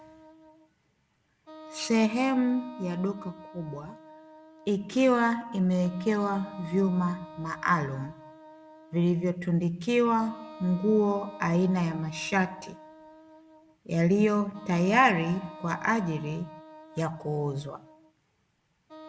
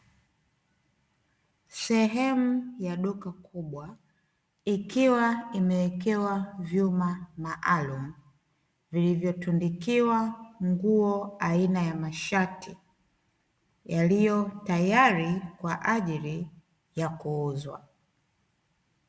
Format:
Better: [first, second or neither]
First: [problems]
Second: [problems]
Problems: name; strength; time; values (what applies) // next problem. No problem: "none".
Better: second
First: background sound (Wind instrument, woodwind instrument); 19 dB below the speech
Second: none